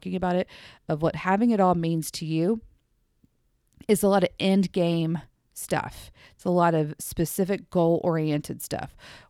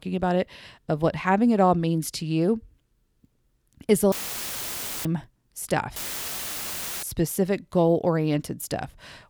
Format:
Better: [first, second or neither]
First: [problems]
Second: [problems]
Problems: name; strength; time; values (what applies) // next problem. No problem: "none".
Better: first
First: none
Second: audio cutting out; filled with static; at 4 s for 1 s and at 6 s for 1 s